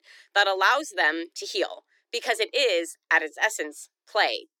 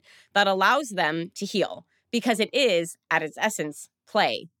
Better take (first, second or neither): second